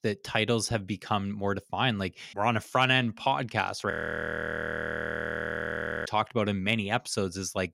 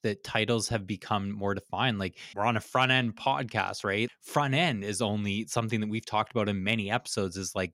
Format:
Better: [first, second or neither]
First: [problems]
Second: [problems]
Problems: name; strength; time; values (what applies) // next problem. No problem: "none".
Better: second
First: audio freezing; at 4 s for 2 s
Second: none